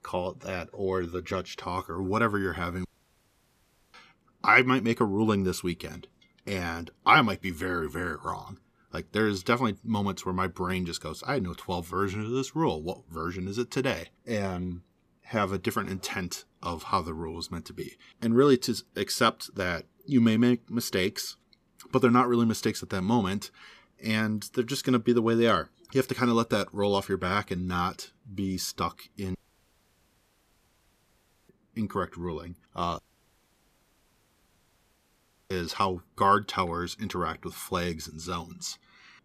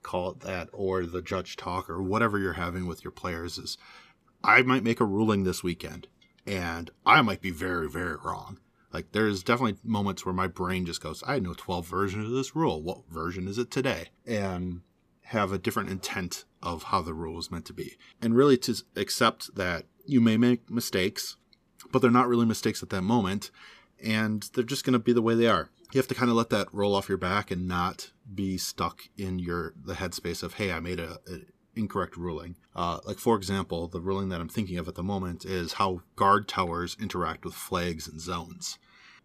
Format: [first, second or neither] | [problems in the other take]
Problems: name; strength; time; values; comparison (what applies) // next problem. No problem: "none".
second | audio cutting out; at 3 s for 1 s, at 29 s for 2 s and at 33 s for 2.5 s